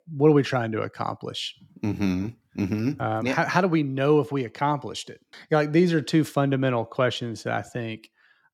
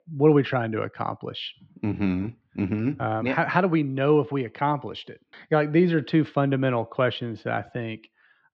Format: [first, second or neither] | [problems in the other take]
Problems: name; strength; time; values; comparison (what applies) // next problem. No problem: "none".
first | muffled; slightly; fading above 3.5 kHz